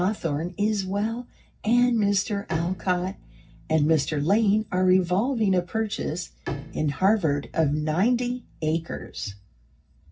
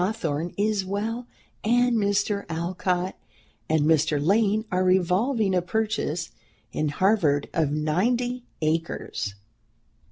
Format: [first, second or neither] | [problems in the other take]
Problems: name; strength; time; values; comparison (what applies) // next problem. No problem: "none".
second | background sound (Bowed string instrument); 18 dB below the speech // room echo; dies away in 0.4 s